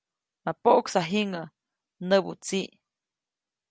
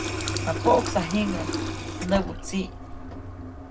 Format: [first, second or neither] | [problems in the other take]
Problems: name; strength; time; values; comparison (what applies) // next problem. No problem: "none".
first | background sound (Water tap, faucet); 3 dB below the speech // room echo; dies away in 0.4 s